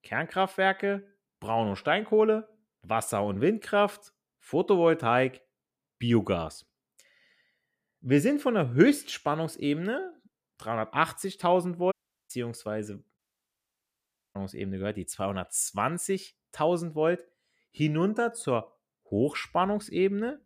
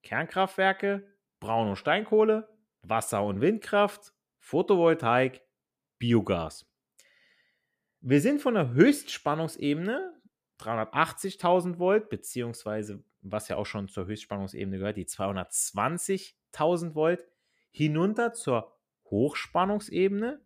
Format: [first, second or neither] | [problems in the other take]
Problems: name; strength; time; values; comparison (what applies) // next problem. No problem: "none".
second | audio cutting out; at 12 s and at 13 s for 1 s